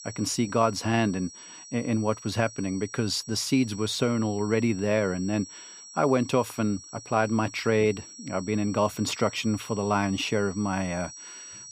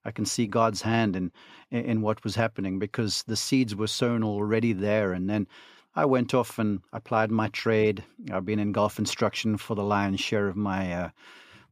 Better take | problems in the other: second | high-pitched whine; noticeable; throughout; 5.5 kHz, 15 dB below the speech

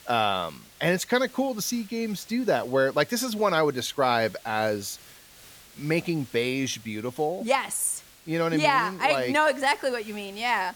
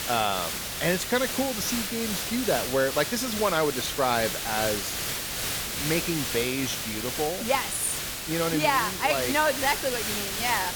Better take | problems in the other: first | hiss; loud; throughout; 2 dB below the speech; faint in the first

